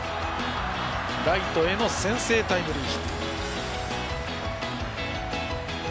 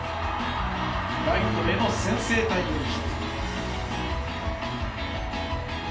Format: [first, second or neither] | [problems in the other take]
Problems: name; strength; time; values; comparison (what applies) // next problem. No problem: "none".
first | background sound (Piano); 11 dB below the speech // room echo; dies away in 0.3 s